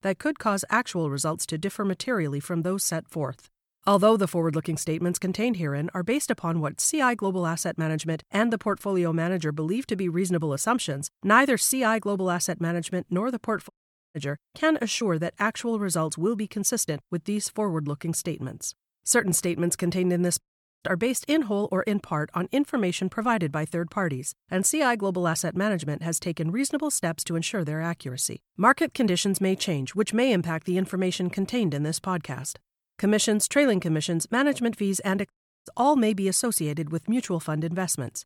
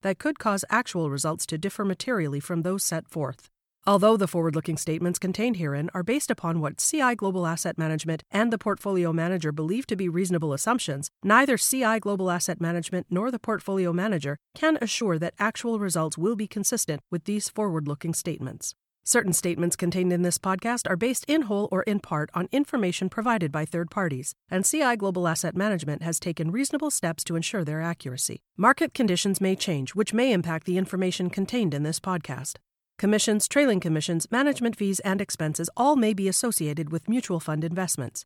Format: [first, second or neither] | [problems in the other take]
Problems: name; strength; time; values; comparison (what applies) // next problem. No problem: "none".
second | audio cutting out; at 14 s, at 20 s and at 35 s